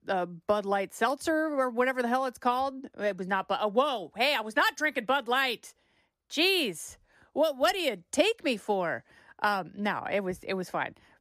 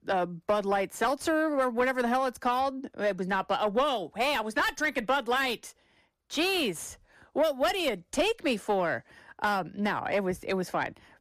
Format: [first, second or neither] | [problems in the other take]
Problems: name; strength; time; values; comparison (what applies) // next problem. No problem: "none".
first | distortion; slight; 10 dB below the speech